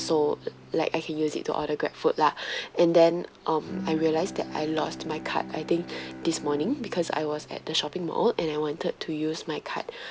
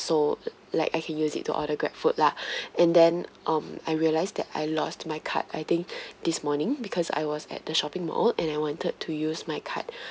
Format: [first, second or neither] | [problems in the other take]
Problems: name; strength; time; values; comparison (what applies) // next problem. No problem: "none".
second | background sound (Bowed string instrument); 15 dB below the speech